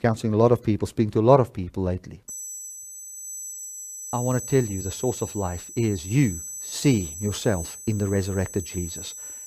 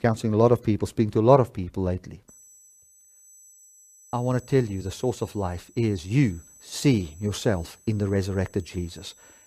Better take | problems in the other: second | high-pitched whine; loud; from 2.5 s on; 8 kHz, 10 dB below the speech; faint in the second

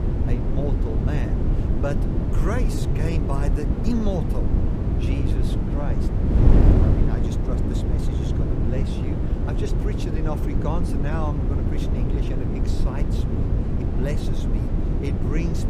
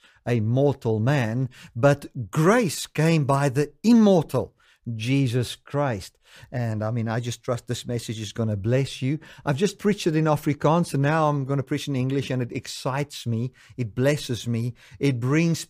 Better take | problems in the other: second | wind noise on the microphone; heavy; 2 dB above the speech

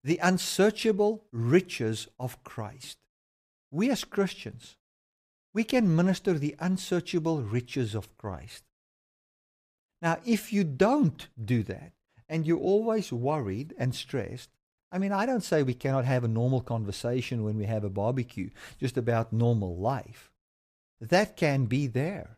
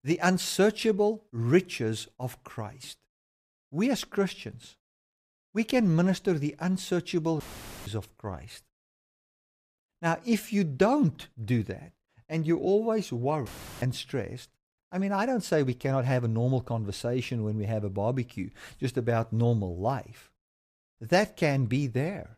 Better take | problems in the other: first | audio cutting out; filled with static; at 7.5 s and at 13 s

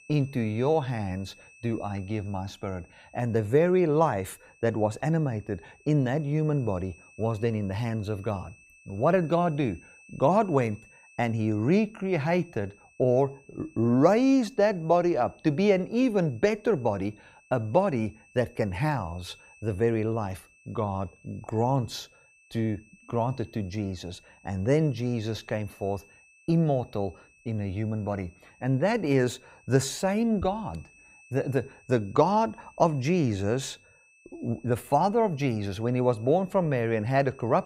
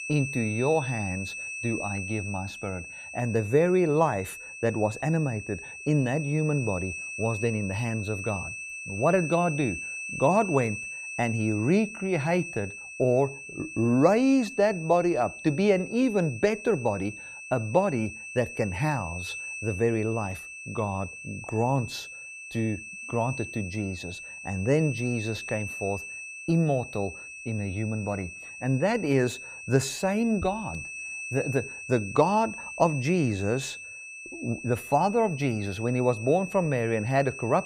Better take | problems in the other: first | high-pitched whine; loud; throughout; 2.5 kHz, 9 dB below the speech; faint in the first

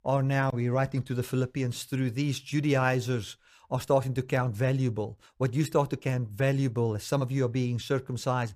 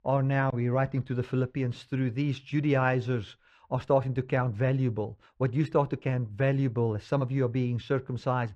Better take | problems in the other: first | muffled; slightly; fading above 2.5 kHz

